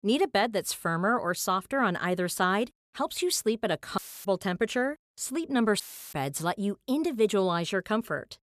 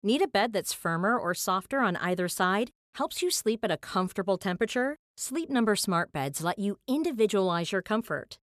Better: second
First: audio cutting out; filled with static; at 4 s and at 6 s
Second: none

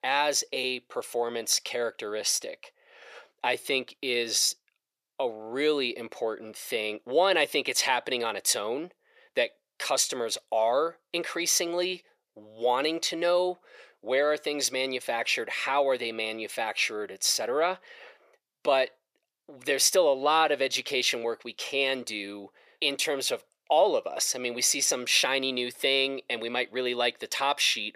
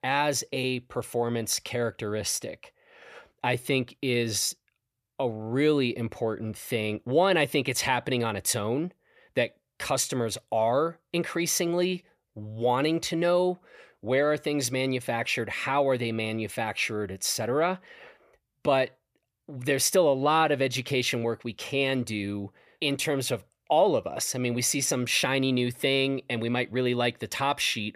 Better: second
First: thin; somewhat; fading below 450 Hz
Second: none

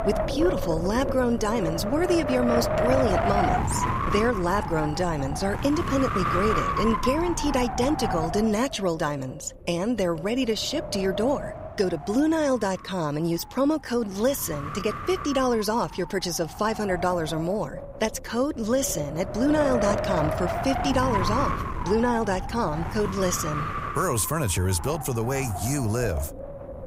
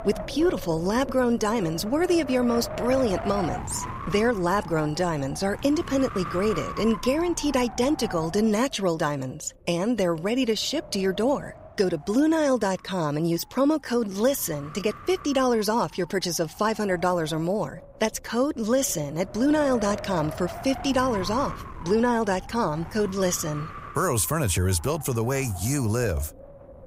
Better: second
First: wind noise on the microphone; heavy; 2 dB below the speech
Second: wind noise on the microphone; occasional gusts; 10 dB below the speech

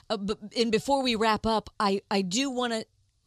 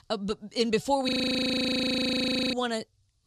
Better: first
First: none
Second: audio freezing; at 1 s for 1.5 s

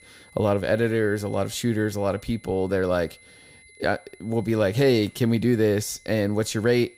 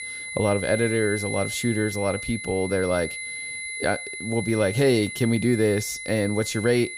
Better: first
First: high-pitched whine; faint; throughout; 2 kHz, 25 dB below the speech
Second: high-pitched whine; loud; throughout; 2 kHz, 7 dB below the speech

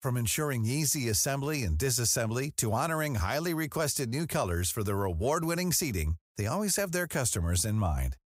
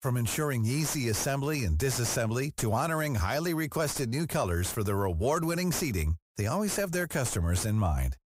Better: first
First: none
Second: distortion; slight; 9 dB below the speech

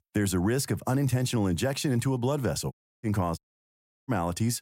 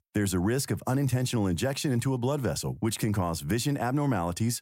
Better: second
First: audio cutting out; at 2.5 s and at 3.5 s for 0.5 s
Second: none

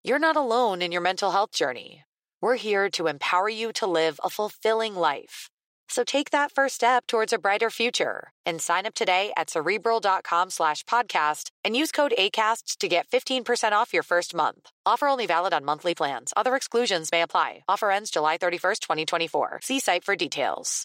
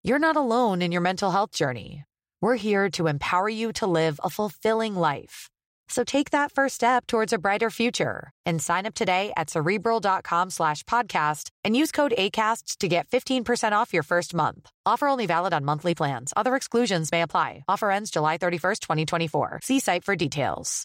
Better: second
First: thin; somewhat; fading below 400 Hz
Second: none

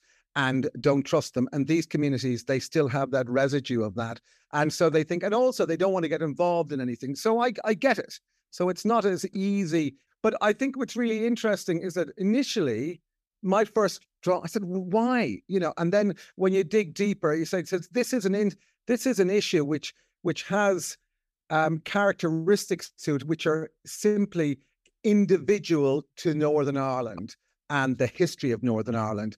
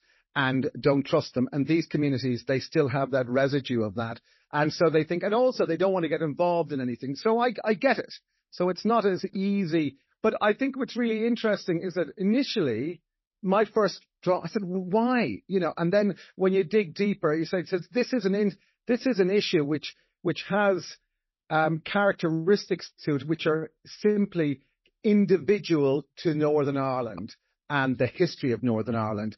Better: first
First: none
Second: garbled, watery; slightly; nothing above 5.5 kHz

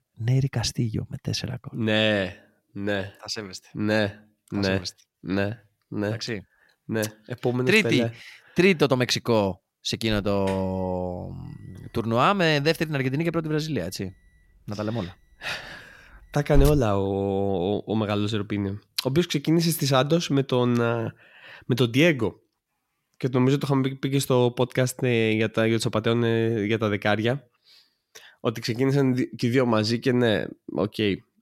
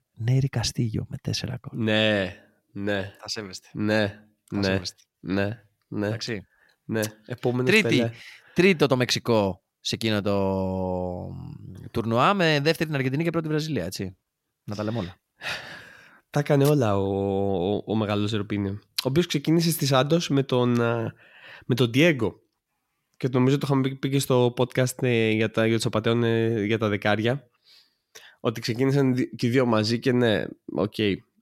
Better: second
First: alarm; noticeable; from 10 to 17 s; peak 4 dB below the speech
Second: none

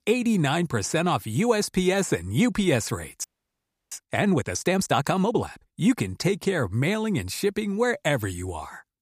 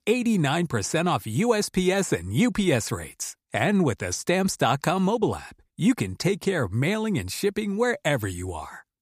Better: second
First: audio freezing; at 3 s for 0.5 s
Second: none

